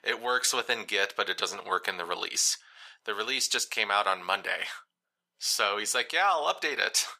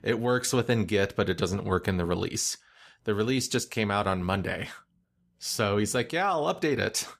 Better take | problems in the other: second | thin; very; fading below 850 Hz

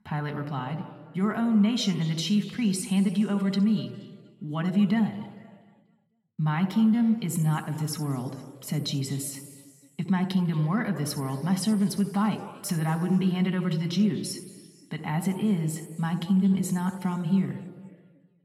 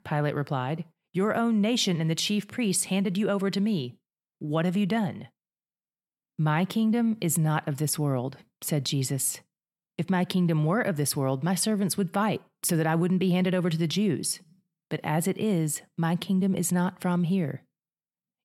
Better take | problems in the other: second | room echo; slight; dies away in 1.8 s // off-mic speech; somewhat distant

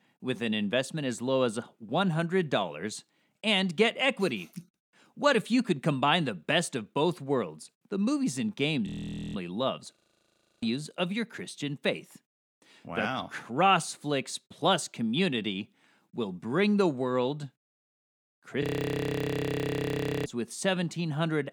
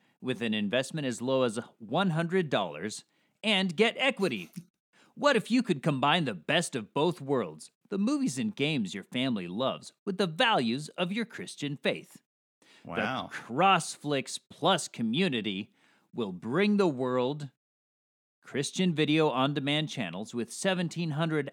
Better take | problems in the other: second | audio freezing; at 9 s, at 10 s for 0.5 s and at 19 s for 1.5 s

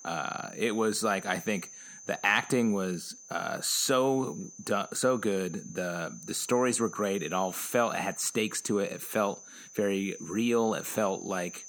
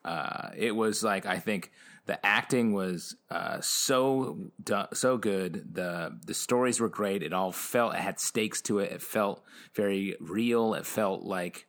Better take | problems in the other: second | high-pitched whine; noticeable; throughout; 6 kHz, 15 dB below the speech

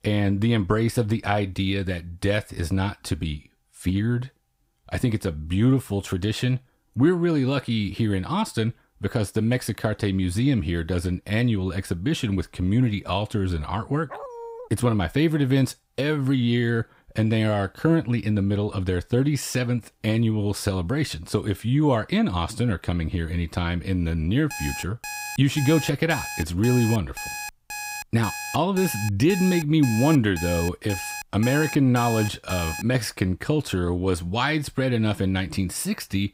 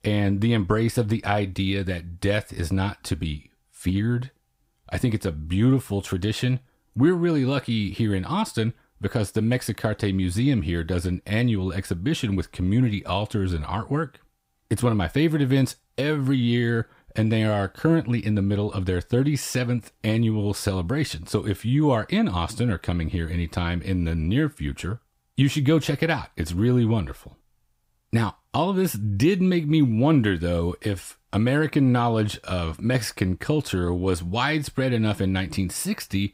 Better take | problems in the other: second | dog barking; faint; at 14 s; peak 15 dB below the speech // alarm; noticeable; from 25 to 33 s; peak 7 dB below the speech

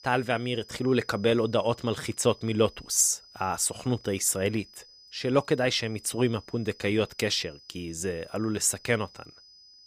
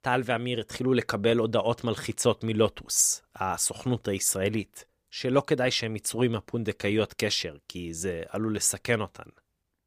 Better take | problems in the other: second | high-pitched whine; faint; throughout; 5 kHz, 25 dB below the speech

